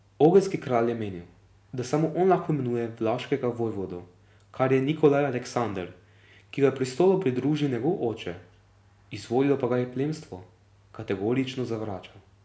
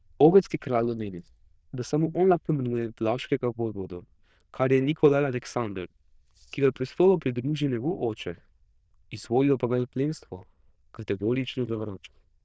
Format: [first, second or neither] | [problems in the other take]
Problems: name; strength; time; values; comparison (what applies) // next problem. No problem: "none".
first | noise reduction (neural diffusion model UNIVERSE++)